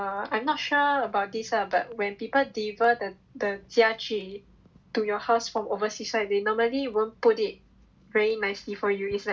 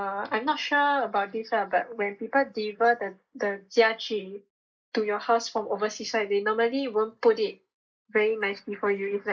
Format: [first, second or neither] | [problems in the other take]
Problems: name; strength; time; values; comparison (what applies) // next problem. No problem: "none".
first | noise reduction (neural mask model Resemble Enhance denoiser)